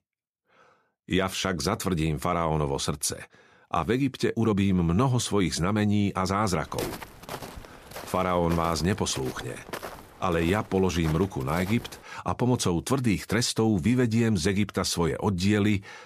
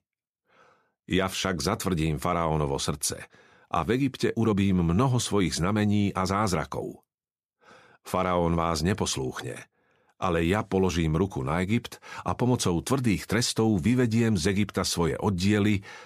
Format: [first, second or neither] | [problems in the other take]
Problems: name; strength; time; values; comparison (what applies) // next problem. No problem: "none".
second | footsteps; noticeable; from 6.5 to 12 s; peak 9 dB below the speech